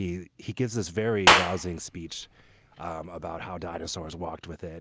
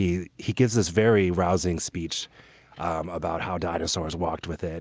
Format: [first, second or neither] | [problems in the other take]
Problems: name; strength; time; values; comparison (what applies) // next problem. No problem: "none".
second | background sound (Clapping); 5 dB above the speech